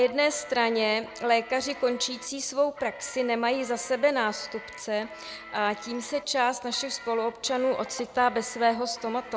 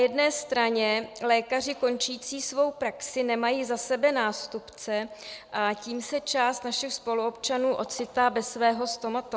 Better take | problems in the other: second | background sound (Guitar); 18 dB below the speech

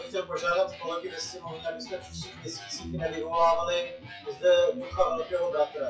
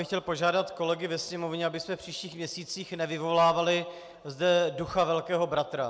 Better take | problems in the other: second | noise reduction (classical method WPE with log-MMSE)

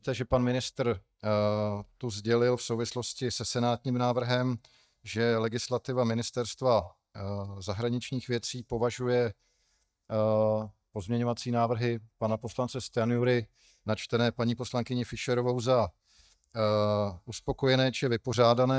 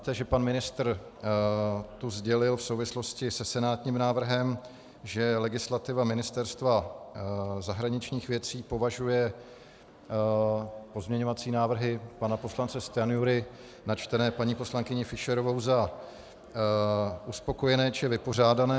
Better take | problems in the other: second | noise reduction (neural mask model DeepFilterNet 3)

